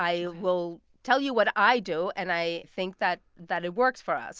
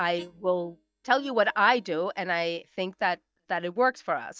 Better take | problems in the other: first | noise reduction (neural mask model DeepFilterNet 3)

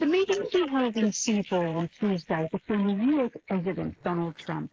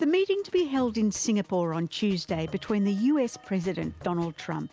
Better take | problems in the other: second | noise reduction (neural mask model Resemble Enhance denoiser)

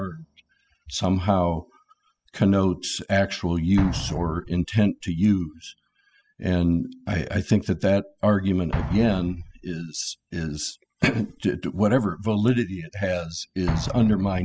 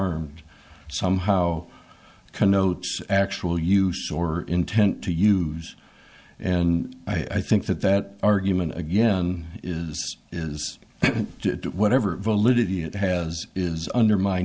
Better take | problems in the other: second | noise reduction (classical method spectral subtraction)

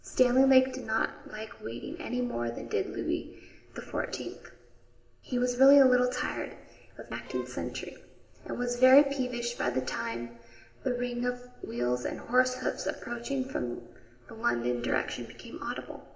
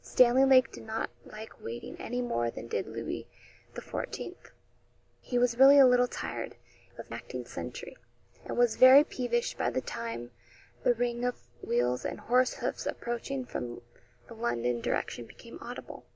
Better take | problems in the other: second | background sound (Bowed string instrument); 20 dB below the speech // room echo; dies away in 1.1 s

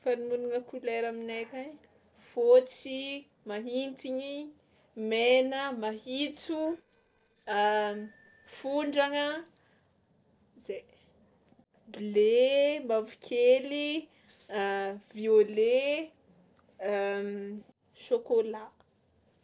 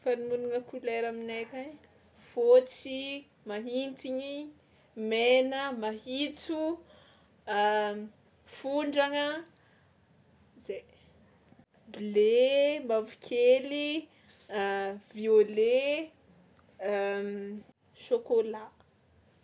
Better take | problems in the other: second | noise reduction (neural separator model SepFormer DNS4)

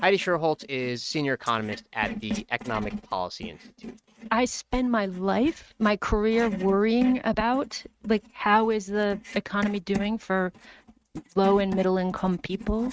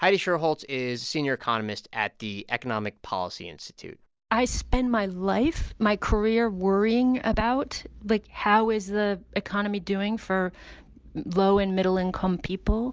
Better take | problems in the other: second | noise reduction (neural mask model RNNoise)

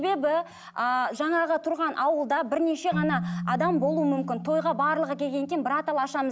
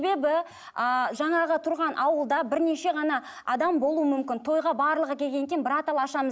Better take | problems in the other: second | background sound (Keyboard (musical)); 11 dB below the speech

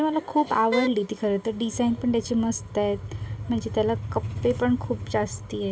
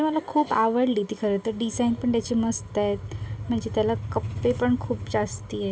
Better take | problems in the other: second | background sound (Wind instrument, woodwind instrument); 6 dB below the speech

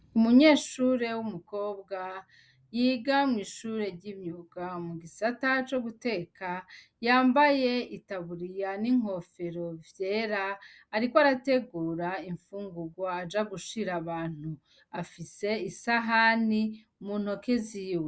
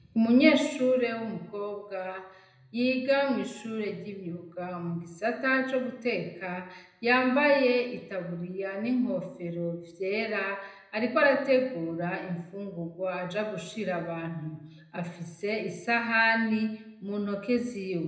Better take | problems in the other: first | room echo; dies away in 0.8 s

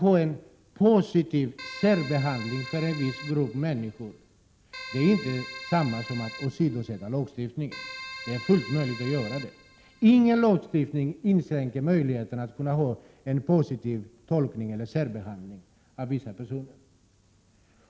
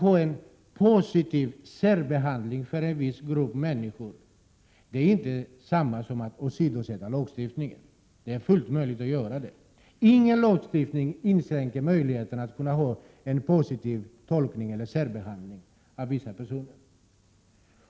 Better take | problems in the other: second | background sound (Keyboard (musical)); 14 dB below the speech

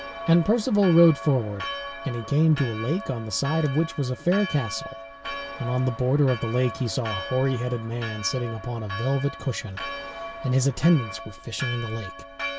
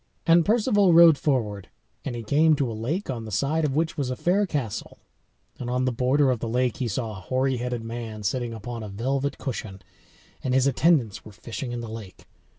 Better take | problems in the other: second | background sound (Church bell); 11 dB below the speech

